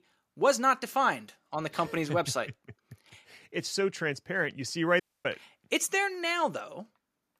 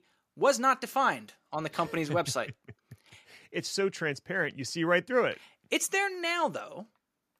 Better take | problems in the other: second | audio cutting out; at 5 s

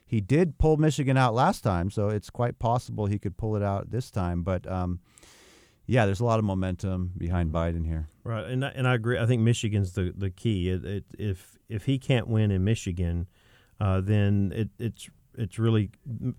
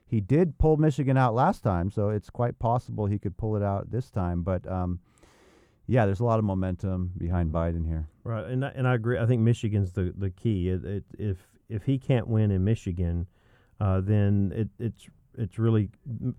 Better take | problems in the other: first | muffled; slightly; fading above 2 kHz

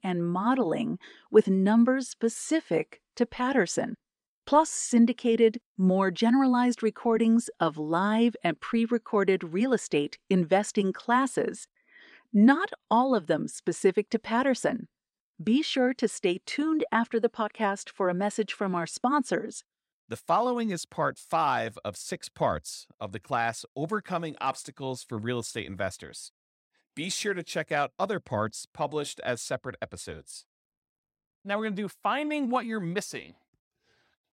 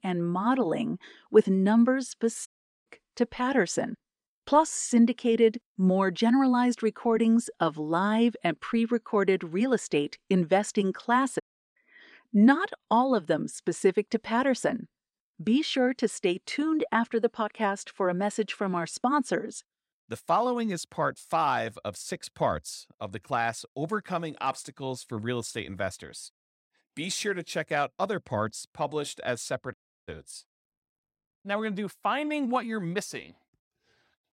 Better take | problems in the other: first | audio cutting out; at 2.5 s, at 11 s and at 30 s

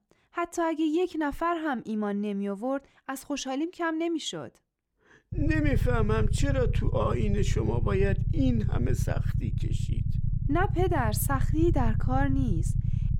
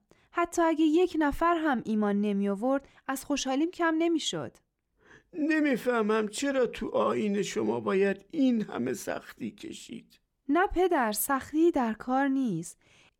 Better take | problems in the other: second | low rumble; noticeable; from 5.5 s on; 10 dB below the speech

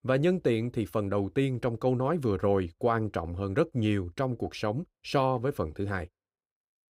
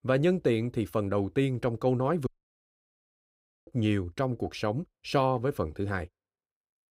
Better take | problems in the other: first | audio cutting out; at 2.5 s for 1.5 s

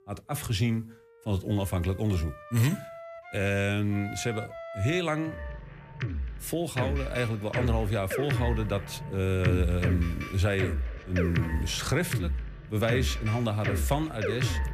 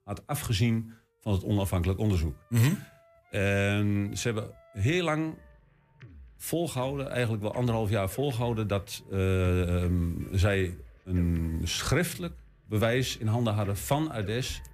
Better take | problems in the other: second | background music; loud; throughout; 4 dB below the speech; faint in the second

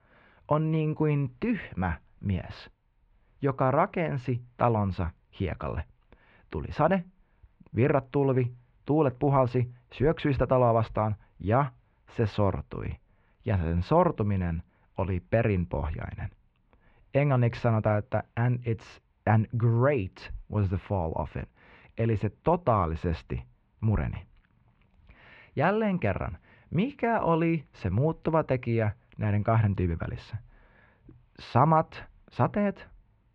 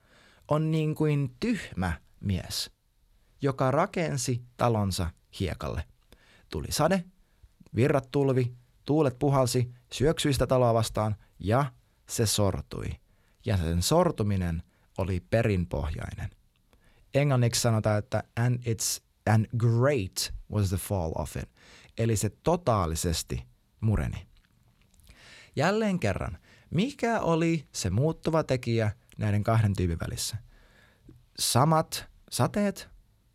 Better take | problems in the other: second | muffled; very; fading above 2.5 kHz

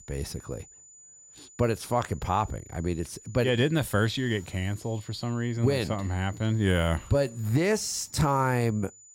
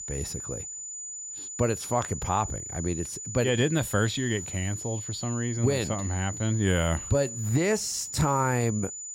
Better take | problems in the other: first | high-pitched whine; loud; throughout; 7 kHz, 7 dB below the speech; faint in the first

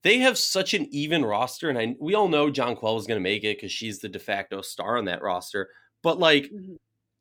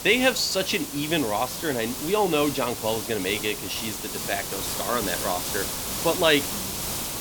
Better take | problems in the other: first | hiss; loud; throughout; 4 dB below the speech

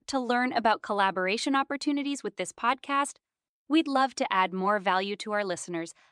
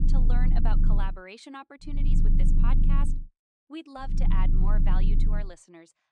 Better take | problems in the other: first | low rumble; loud; until 1 s, from 2 to 3 s and from 4 to 5.5 s; 2 dB below the speech

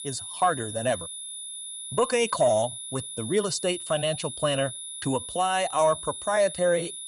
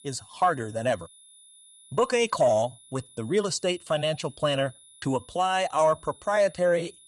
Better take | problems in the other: second | high-pitched whine; loud; throughout; 10 kHz, 8 dB below the speech; faint in the second

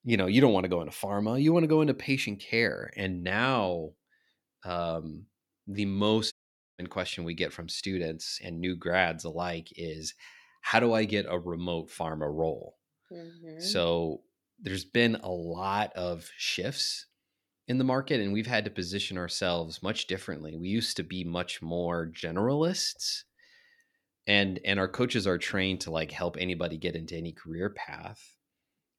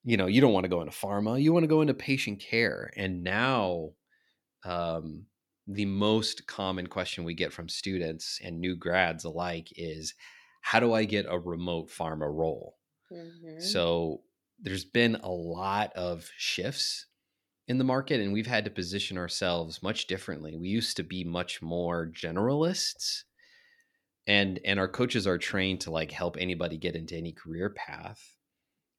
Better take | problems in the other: second | audio cutting out; at 6.5 s

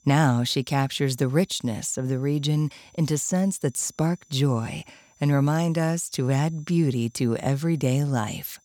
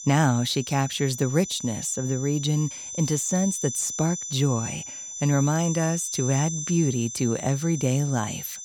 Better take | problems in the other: first | high-pitched whine; loud; throughout; 6 kHz, 7 dB below the speech; faint in the first

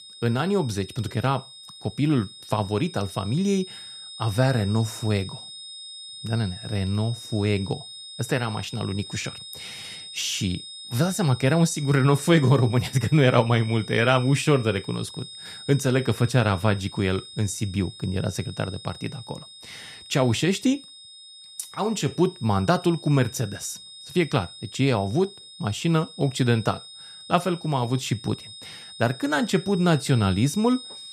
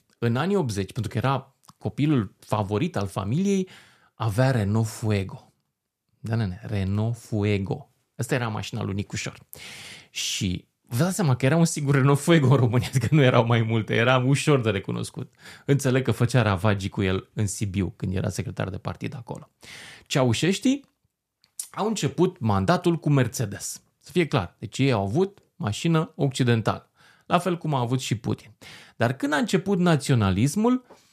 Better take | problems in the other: second | high-pitched whine; noticeable; throughout; 3.5 kHz, 15 dB below the speech

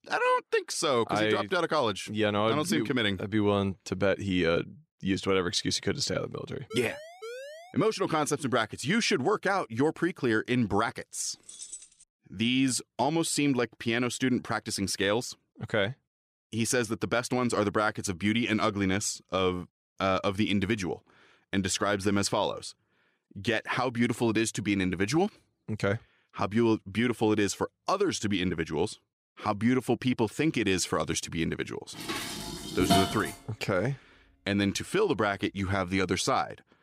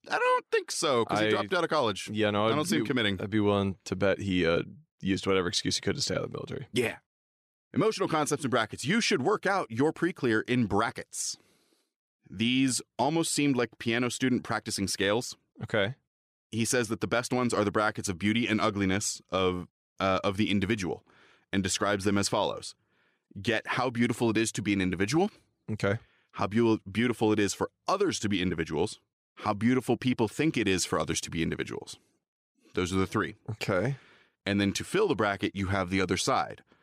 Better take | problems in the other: second | siren; faint; from 6.5 to 7.5 s; peak 15 dB below the speech // jangling keys; faint; at 11 s; peak 15 dB below the speech // clattering dishes; loud; from 32 to 33 s; peak 3 dB above the speech

